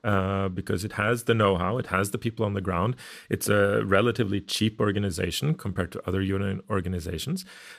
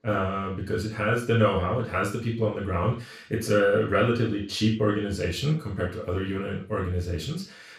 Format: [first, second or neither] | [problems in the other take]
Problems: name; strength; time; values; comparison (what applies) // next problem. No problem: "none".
first | room echo; noticeable; dies away in 0.3 s // off-mic speech; far